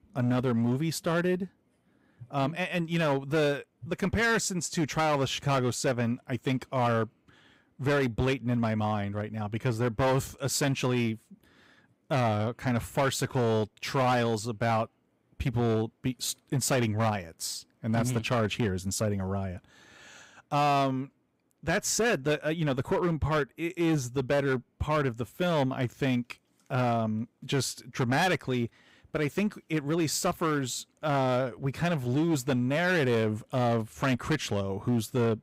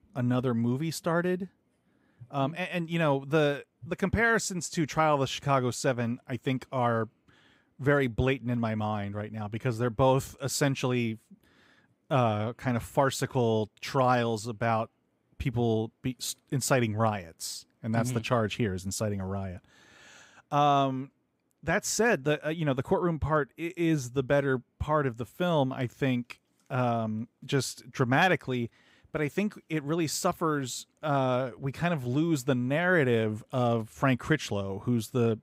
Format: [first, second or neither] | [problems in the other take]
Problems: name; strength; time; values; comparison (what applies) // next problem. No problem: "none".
second | distortion; slight; 9% of the sound clipped